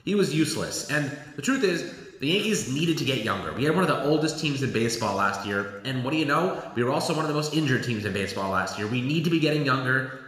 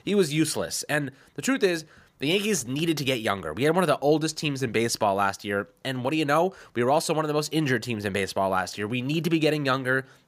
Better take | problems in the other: second | room echo; slight; dies away in 1.1 s

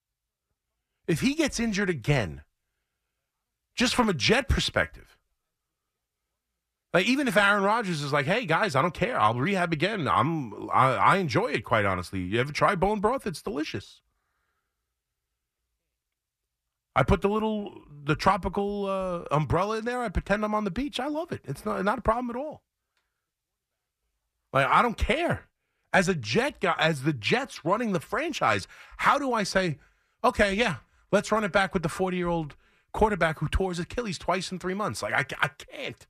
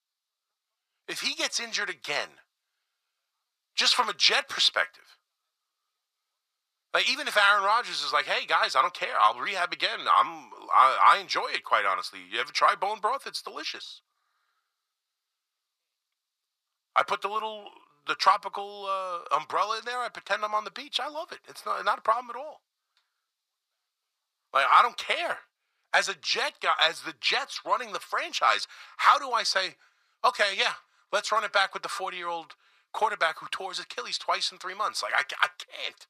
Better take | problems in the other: first | thin; very; fading below 800 Hz

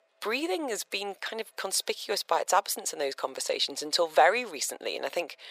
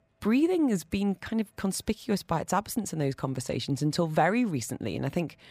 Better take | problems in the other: second | thin; very; fading below 500 Hz

